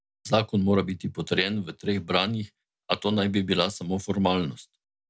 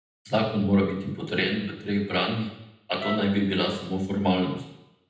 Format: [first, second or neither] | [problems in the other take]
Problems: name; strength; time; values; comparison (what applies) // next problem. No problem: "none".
first | background sound (Wind instrument, woodwind instrument); 11 dB below the speech // room echo; dies away in 0.8 s